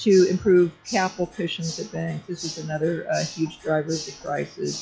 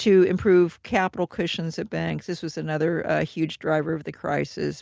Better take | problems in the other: second | noise reduction (classical method log-MMSE)

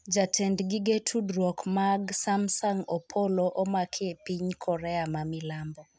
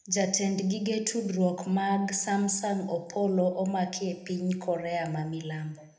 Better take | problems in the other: first | room echo; dies away in 0.7 s

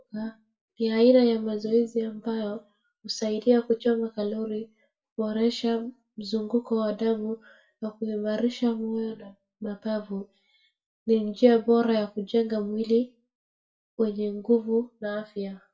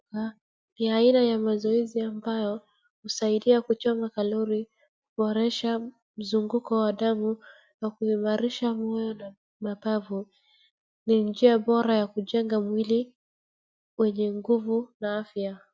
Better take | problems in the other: second | room echo; dies away in 0.2 s

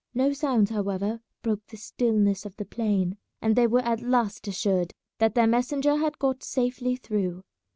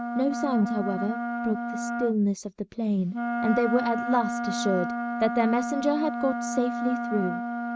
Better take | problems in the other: first | noise reduction (neural mask model RNNoise)

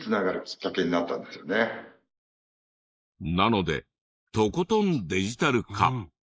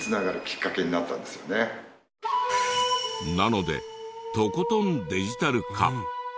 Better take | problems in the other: second | noise reduction (neural mask model Resemble Enhance denoiser)

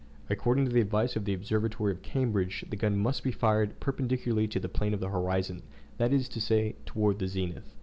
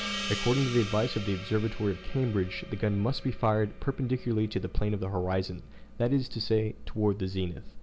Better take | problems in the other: first | background sound (Gong); 14 dB below the speech

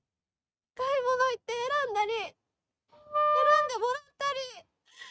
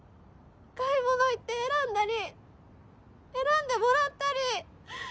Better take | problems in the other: second | noise reduction (neural mask model RNNoise)

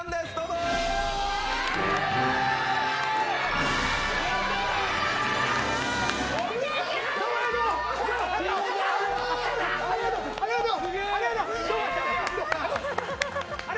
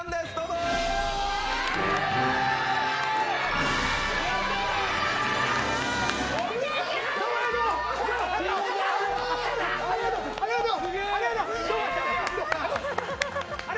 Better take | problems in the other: second | background sound (Wind instrument, woodwind instrument); 15 dB below the speech

